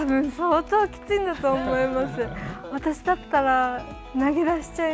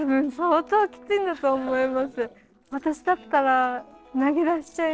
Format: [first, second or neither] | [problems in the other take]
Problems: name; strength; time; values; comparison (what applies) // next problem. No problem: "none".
first | noise reduction (neural separator model SepFormer DNS4)